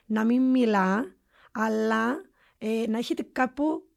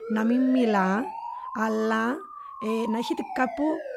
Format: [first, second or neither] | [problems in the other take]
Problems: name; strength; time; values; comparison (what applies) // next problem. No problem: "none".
first | siren; noticeable; peak 8 dB below the speech